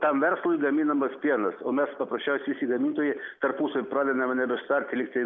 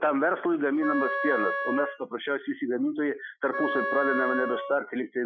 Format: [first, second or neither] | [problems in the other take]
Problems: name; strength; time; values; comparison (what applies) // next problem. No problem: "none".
first | noise reduction (classical method Wiener filter)